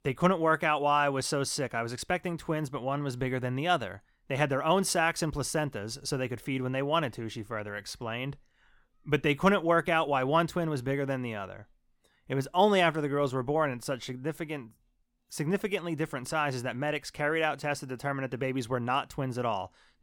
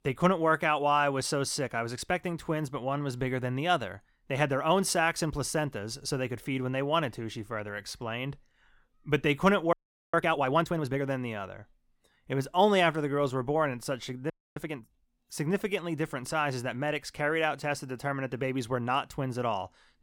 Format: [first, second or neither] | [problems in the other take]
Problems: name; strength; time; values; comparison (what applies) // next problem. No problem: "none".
first | audio freezing; at 9.5 s and at 14 s